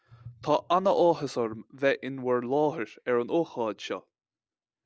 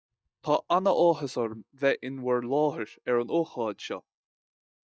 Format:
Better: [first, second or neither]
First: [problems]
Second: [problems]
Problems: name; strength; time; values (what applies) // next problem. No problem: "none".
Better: first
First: none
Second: noise reduction (neural mask model DeepFilterNet 3)